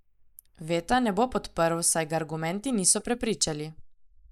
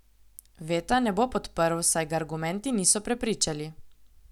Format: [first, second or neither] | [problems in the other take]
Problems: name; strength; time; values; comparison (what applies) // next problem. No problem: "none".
second | noise reduction (neural mask model Resemble Enhance denoiser)